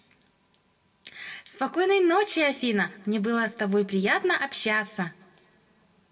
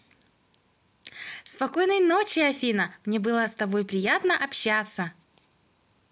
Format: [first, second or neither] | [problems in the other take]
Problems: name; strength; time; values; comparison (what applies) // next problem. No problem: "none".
second | room echo; dies away in 1.9 s